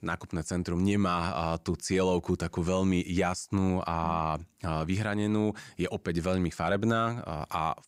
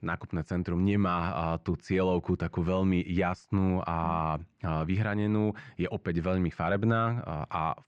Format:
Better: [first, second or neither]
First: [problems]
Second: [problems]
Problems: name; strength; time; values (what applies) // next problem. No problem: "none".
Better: first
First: none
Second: muffled; slightly; fading above 2.5 kHz